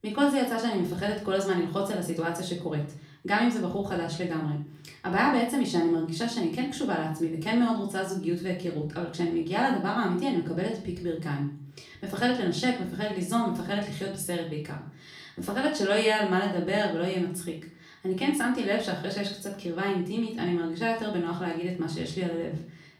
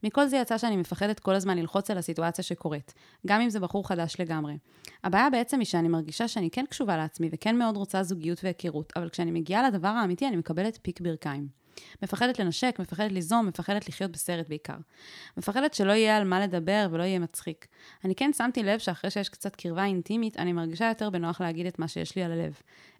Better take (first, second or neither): second